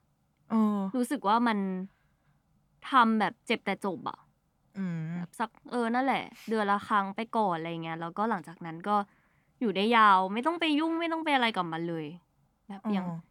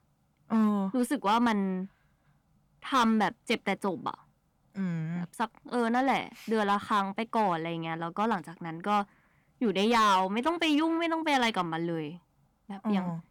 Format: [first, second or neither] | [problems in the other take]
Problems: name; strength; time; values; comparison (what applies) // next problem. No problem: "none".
first | distortion; slight; 4% of the sound clipped